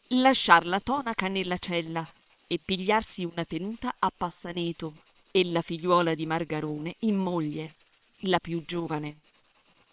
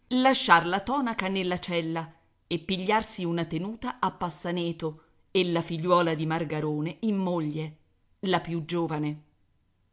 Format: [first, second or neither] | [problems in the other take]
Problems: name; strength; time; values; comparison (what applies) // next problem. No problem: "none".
second | noise reduction (neural separator model SepFormer WHAM!)